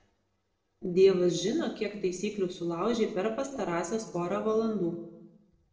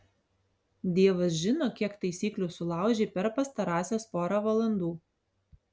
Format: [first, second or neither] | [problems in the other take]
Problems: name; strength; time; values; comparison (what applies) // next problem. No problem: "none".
second | noise reduction (neural separator model SepFormer DNS4)